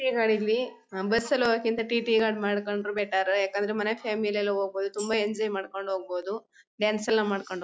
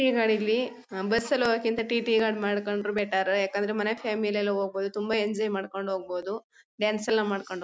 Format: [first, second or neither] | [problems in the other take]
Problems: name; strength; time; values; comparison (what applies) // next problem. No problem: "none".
second | noise reduction (classical method log-MMSE)